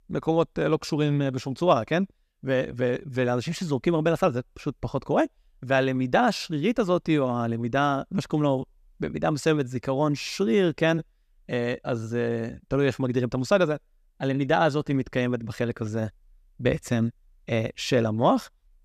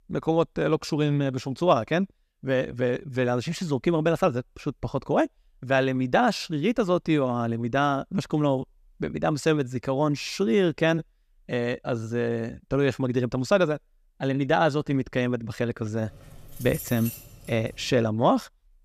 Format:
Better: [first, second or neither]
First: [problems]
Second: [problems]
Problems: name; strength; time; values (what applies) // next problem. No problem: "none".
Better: first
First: none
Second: jangling keys; noticeable; from 16 to 18 s; peak 10 dB below the speech